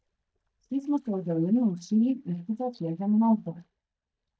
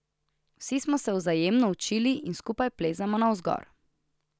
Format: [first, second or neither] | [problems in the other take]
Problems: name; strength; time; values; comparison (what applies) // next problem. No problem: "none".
second | noise reduction (neural mask model DeepFilterNet 3)